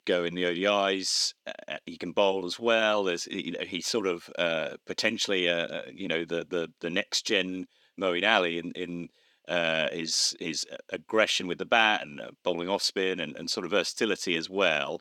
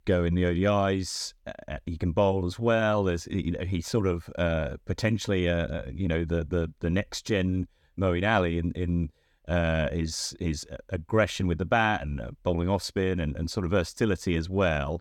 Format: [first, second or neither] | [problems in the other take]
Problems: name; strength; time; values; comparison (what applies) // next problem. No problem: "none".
second | thin; somewhat; fading below 250 Hz